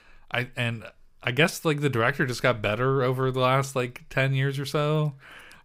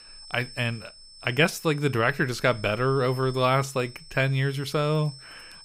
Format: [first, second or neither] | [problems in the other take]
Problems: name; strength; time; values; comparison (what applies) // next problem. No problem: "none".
first | high-pitched whine; noticeable; throughout; 5.5 kHz, 20 dB below the speech